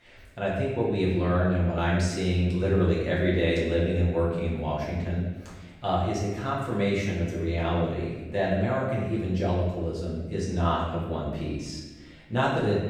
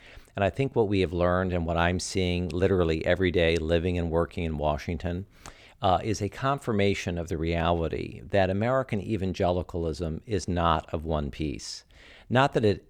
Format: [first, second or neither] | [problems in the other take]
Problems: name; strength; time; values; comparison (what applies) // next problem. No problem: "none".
second | room echo; noticeable; dies away in 1.1 s // off-mic speech; far